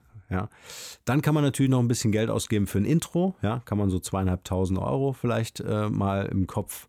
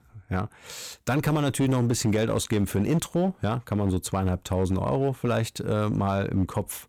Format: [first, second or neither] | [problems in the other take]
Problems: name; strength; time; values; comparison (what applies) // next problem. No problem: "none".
first | distortion; slight; 12% of the sound clipped